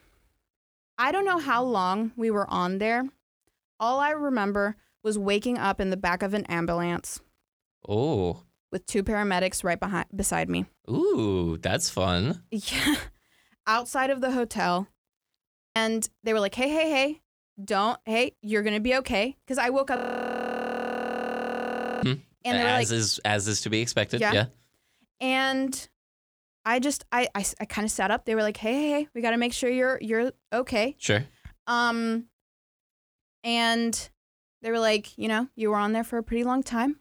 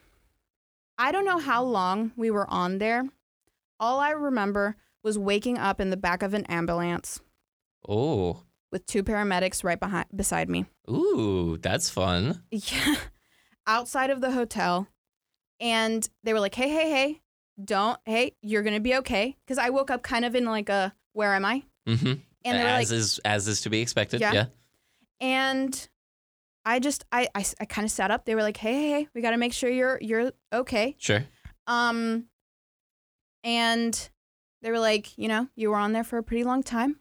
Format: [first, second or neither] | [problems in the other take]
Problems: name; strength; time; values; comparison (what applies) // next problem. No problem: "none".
second | audio freezing; at 16 s and at 20 s for 2 s